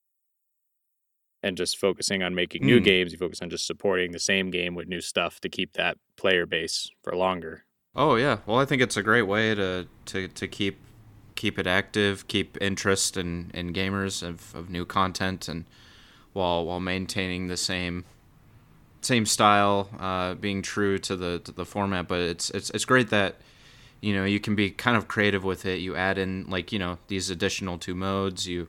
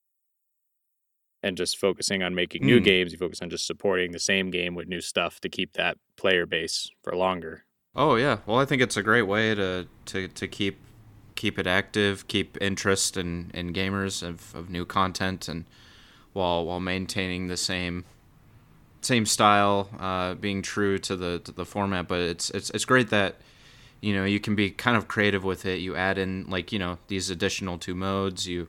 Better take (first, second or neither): neither